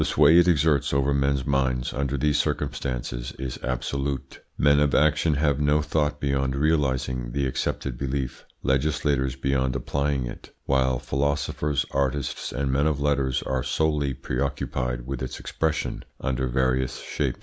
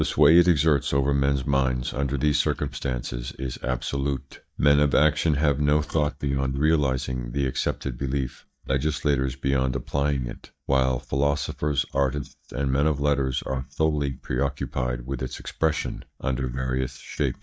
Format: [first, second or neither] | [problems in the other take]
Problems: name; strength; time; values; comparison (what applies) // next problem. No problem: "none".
first | noise reduction (neural mask model DeepFilterNet 3)